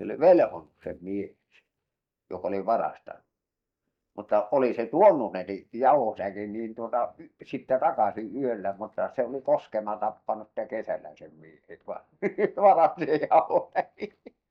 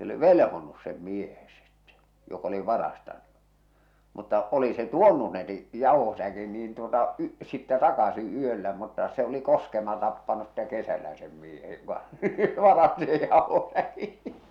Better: second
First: noise reduction (neural mask model DeepFilterNet 3)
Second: none

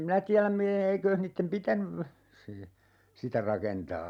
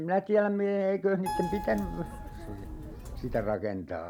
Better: first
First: none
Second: background sound (Keyboard (musical)); 8 dB below the speech

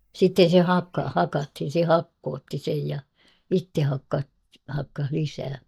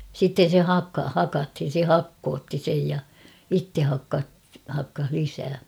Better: second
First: noise reduction (neural mask model DeepFilterNet 3)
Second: none

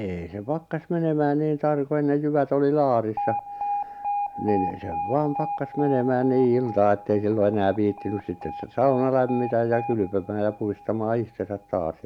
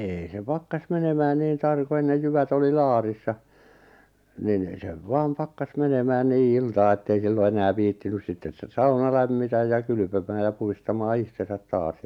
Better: second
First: background sound (Alarm); 10 dB below the speech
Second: none

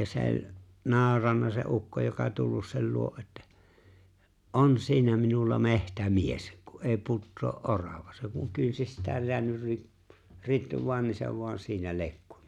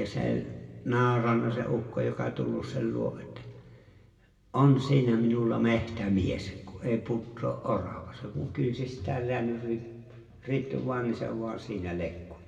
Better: first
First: none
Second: room echo; dies away in 1.6 s

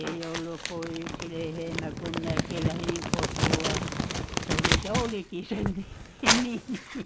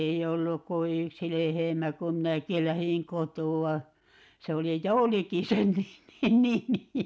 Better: second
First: background sound (Crumpling, crinkling); 4 dB above the speech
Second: none

